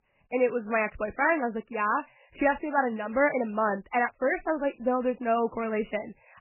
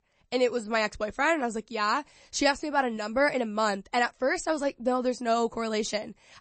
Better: second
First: garbled, watery; badly; nothing above 2.5 kHz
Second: garbled, watery; slightly; nothing above 8 kHz

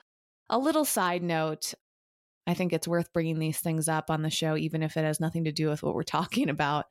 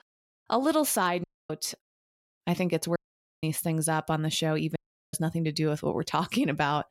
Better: first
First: none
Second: audio cutting out; at 1 s, at 3 s and at 5 s

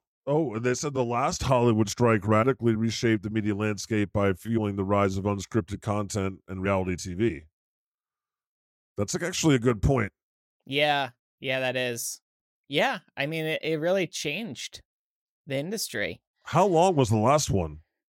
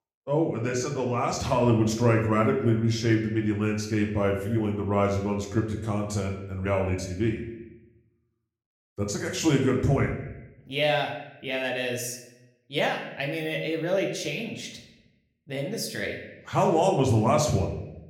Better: first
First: none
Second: room echo; slight; dies away in 0.7 s // off-mic speech; somewhat distant

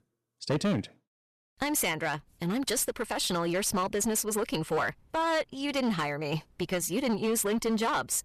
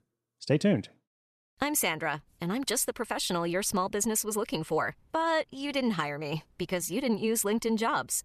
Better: second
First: distortion; slight; 11% of the sound clipped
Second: none

